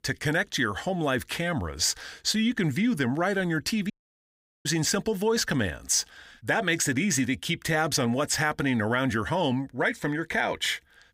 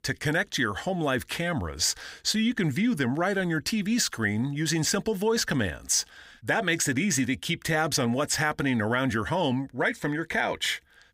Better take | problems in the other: second | audio cutting out; at 4 s for 1 s

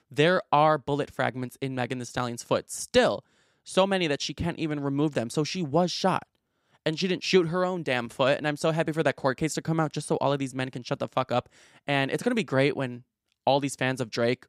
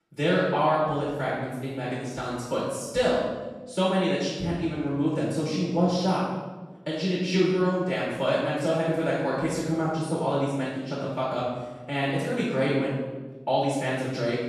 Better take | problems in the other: first | off-mic speech; far // room echo; strong; dies away in 1.1 s

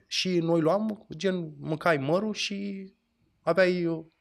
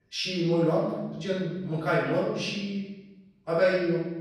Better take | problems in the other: first | off-mic speech; far // room echo; strong; dies away in 1 s

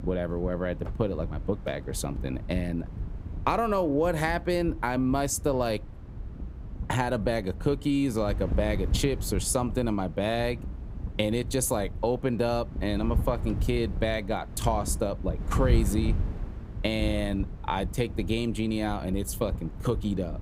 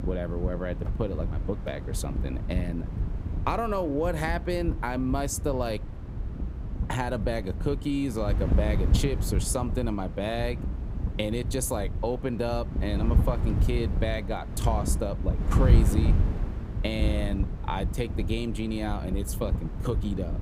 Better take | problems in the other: first | wind noise on the microphone; heavy; 10 dB below the speech; occasional gusts in the first

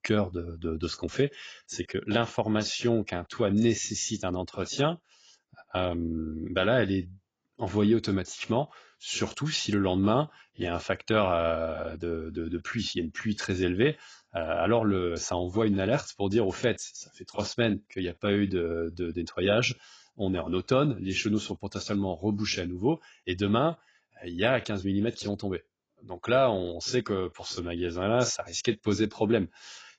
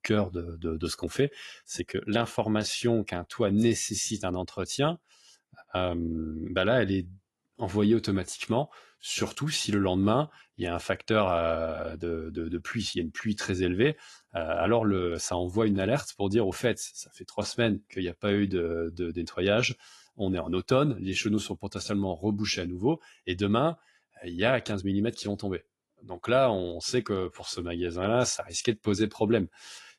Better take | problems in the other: second | garbled, watery; badly; nothing above 7.5 kHz; slightly in the second

